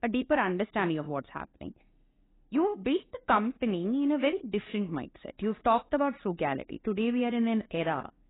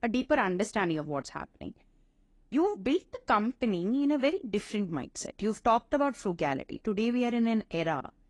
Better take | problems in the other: second | garbled, watery; badly; nothing above 3.5 kHz; slightly in the second

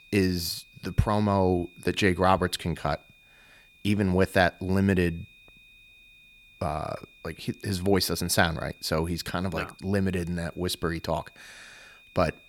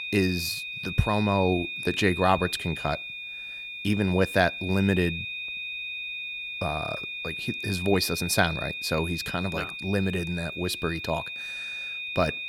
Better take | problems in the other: first | high-pitched whine; loud; throughout; 2.5 kHz, 6 dB below the speech; faint in the first

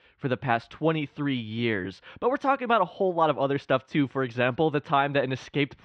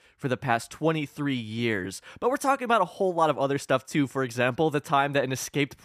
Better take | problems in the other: second | muffled; slightly; fading above 3.5 kHz

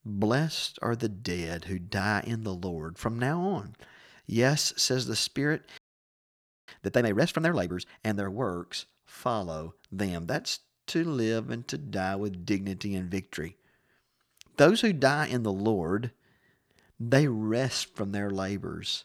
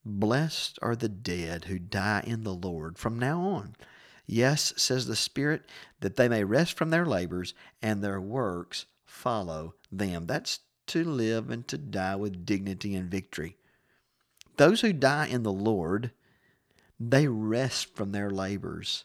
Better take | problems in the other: second | audio freezing; at 6 s for 1 s

